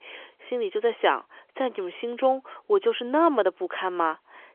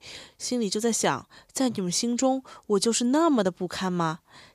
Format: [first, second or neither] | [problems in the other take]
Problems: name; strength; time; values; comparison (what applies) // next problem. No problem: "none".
second | phone-call audio; nothing above 3.5 kHz